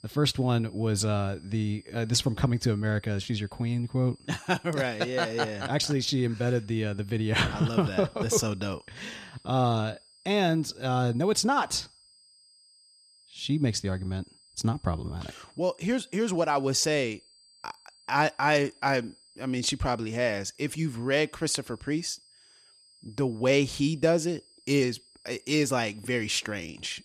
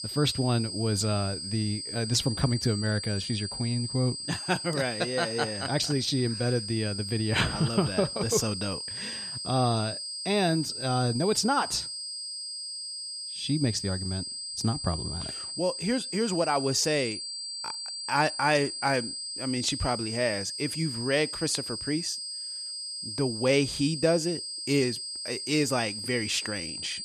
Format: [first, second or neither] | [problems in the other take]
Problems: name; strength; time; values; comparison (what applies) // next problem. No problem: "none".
first | high-pitched whine; loud; throughout; 5 kHz, 5 dB below the speech; faint in the first